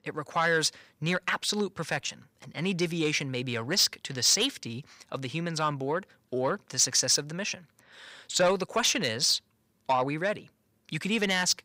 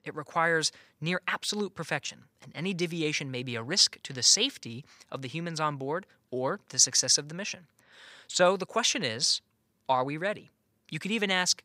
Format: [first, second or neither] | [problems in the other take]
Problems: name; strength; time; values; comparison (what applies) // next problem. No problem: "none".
second | distortion; slight; 10 dB below the speech